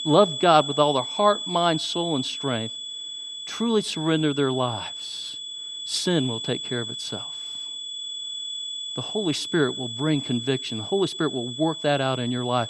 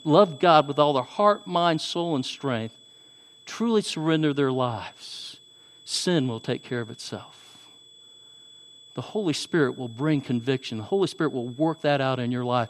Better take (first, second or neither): second